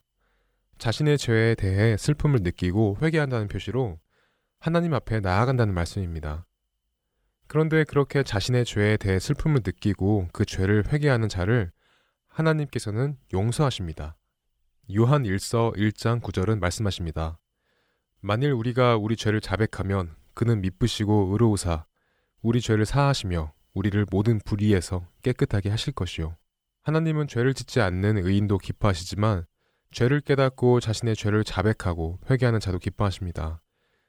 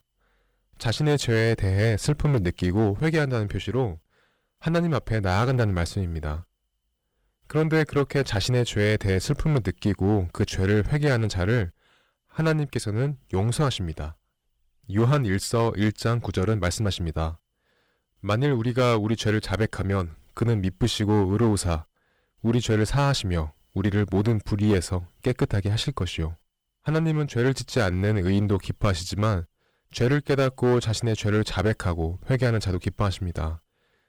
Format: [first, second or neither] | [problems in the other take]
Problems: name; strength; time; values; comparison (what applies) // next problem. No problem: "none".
first | distortion; slight; 8% of the sound clipped